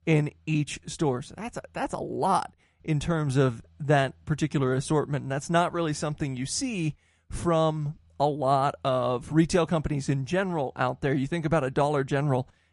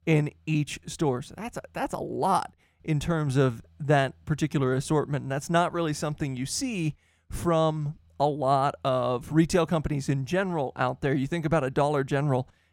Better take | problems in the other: second | garbled, watery; slightly; nothing above 10.5 kHz

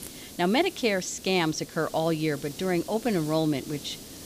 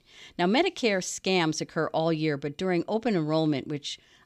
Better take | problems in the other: second | hiss; noticeable; throughout; 15 dB below the speech

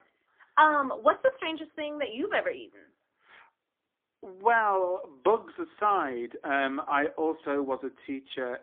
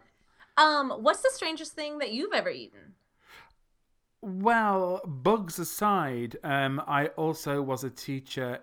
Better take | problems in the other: second | phone-call audio; poor line; nothing above 3.5 kHz

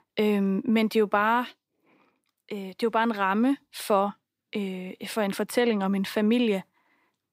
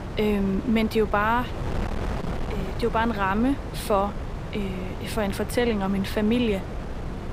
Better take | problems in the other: first | wind noise on the microphone; occasional gusts; 10 dB below the speech

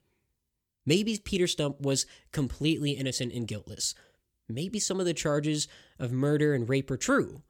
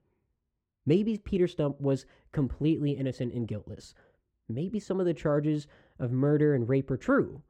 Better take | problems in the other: first | muffled; very; fading above 2.5 kHz

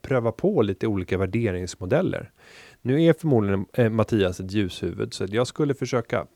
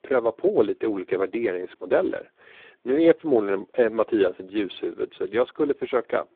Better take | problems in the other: first | phone-call audio; poor line; nothing above 3.5 kHz

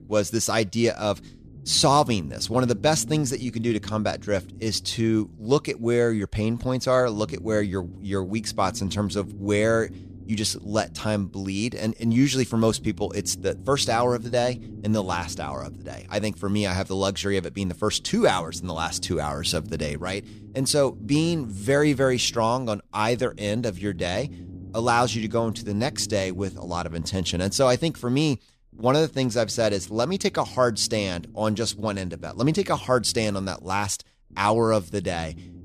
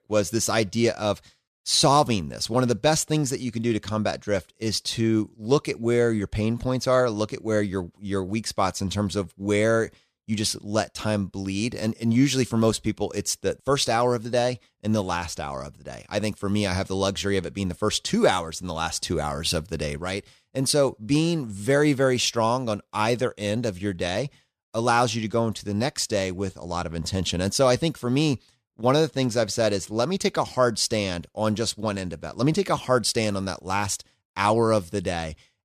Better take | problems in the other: second | low rumble; faint; throughout; 25 dB below the speech

